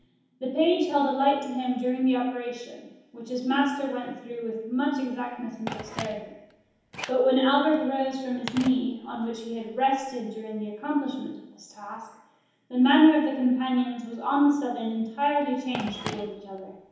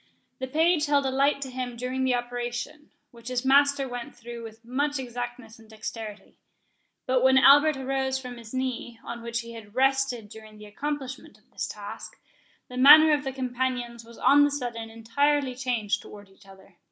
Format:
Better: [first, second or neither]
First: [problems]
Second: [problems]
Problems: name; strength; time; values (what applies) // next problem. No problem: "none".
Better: second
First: background sound (Telephone); 19 dB below the speech // room echo; dies away in 1 s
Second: none